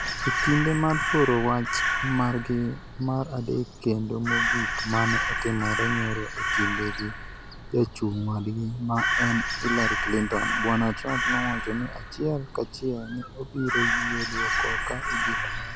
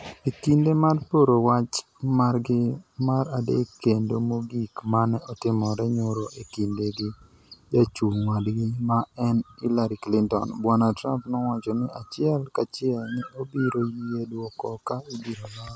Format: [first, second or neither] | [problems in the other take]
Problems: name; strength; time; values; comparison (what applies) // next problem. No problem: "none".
second | background sound (Crow); 1 dB below the speech